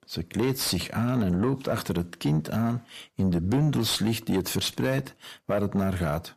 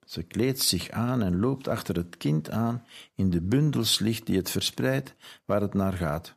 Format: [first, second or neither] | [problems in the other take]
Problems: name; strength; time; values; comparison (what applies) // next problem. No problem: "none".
second | distortion; slight; 10 dB below the speech